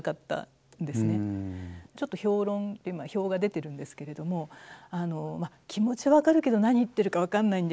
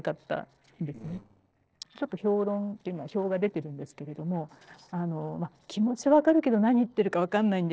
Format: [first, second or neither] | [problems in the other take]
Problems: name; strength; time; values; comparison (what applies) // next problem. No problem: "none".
first | noise reduction (neural separator model SepFormer DNS4)